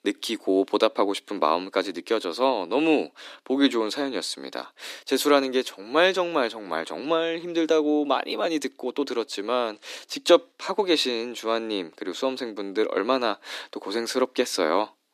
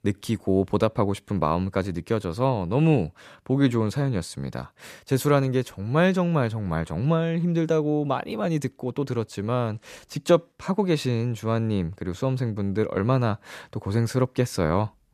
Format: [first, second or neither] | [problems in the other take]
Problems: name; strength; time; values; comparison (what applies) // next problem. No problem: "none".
second | thin; somewhat; fading below 300 Hz